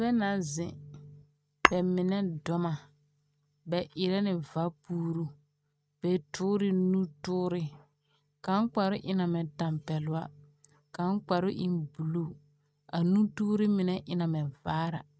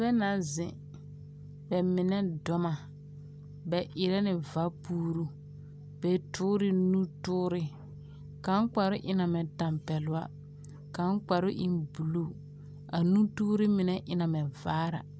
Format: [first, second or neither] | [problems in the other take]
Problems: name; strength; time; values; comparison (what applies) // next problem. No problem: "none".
second | noise reduction (neural mask model RNNoise)